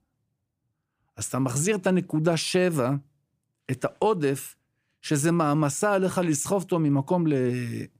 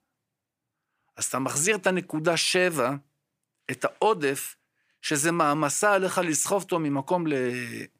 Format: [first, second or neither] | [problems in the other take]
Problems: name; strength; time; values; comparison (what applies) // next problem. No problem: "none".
first | thin; somewhat; fading below 1 kHz